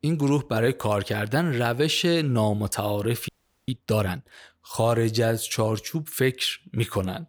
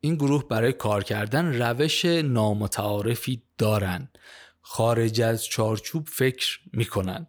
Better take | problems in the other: second | audio freezing; at 3.5 s

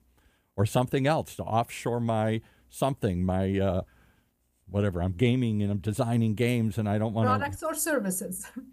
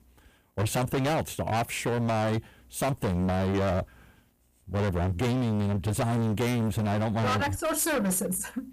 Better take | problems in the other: first | distortion; heavy; 28% of the sound clipped

